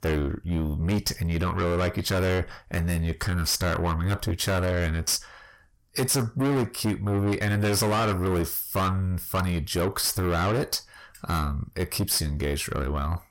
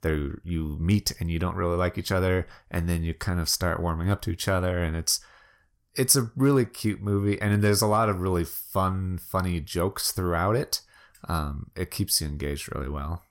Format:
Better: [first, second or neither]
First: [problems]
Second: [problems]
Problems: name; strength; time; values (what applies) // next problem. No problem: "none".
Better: second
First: distortion; heavy; 7 dB below the speech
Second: none